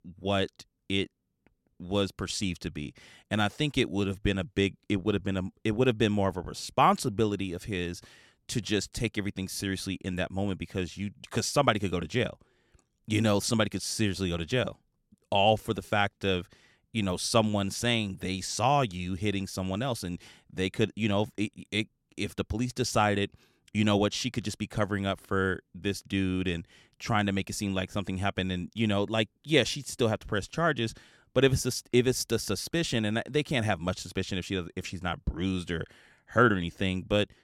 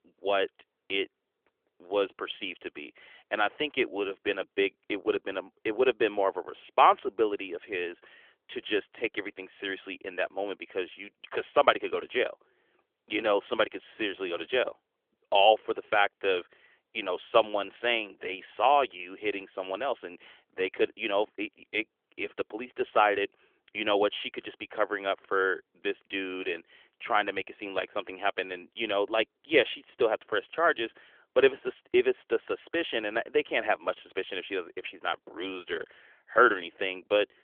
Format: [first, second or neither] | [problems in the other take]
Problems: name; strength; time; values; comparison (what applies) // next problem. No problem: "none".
first | phone-call audio; nothing above 3.5 kHz